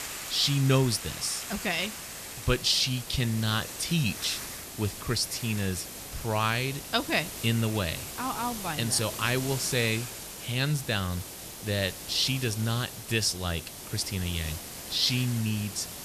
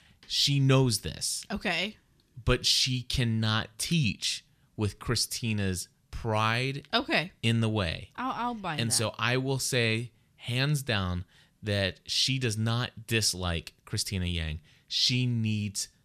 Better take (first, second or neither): second